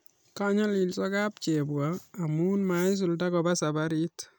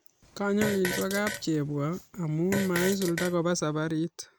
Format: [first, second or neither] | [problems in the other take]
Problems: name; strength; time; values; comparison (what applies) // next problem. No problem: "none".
first | background sound (Fart); 8 dB below the speech